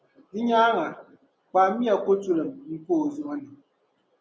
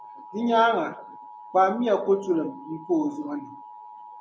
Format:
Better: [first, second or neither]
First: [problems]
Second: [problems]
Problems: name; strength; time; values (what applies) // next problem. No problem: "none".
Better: first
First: none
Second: background sound (Alarm); 18 dB below the speech